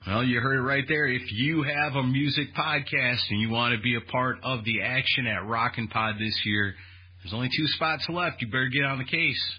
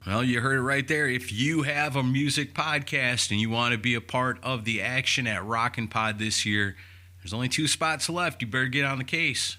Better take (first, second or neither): second